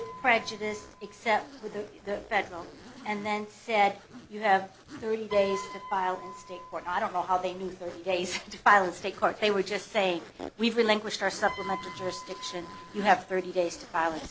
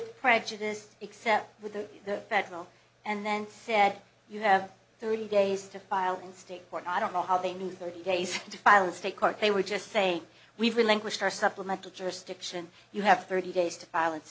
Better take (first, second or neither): second